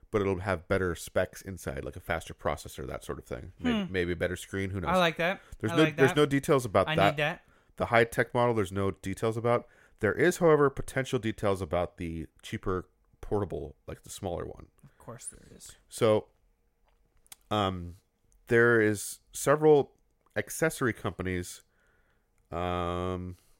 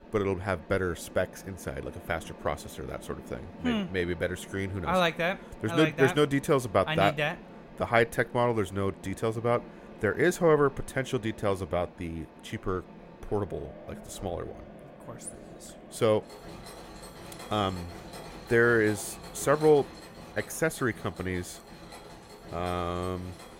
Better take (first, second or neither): first